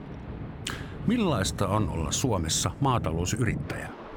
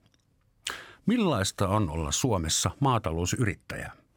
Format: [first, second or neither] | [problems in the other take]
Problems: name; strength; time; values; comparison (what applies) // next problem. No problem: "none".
second | rain or running water; loud; throughout; 9 dB below the speech